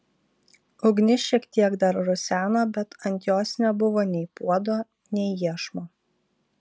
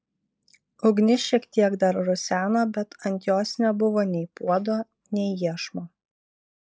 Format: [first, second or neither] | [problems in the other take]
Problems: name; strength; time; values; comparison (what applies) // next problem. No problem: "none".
first | noise reduction (neural mask model Resemble Enhance denoiser)